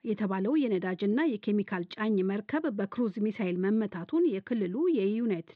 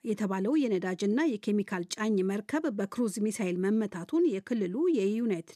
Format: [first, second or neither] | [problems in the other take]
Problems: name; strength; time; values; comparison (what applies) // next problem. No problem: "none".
second | muffled; very; fading above 3.5 kHz